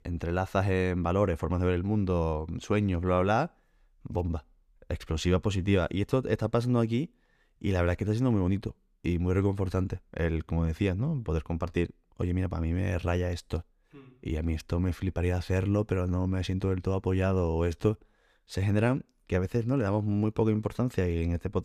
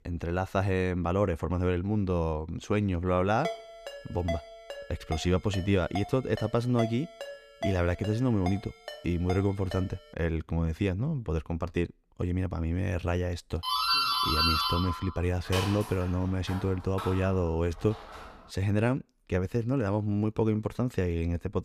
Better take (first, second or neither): first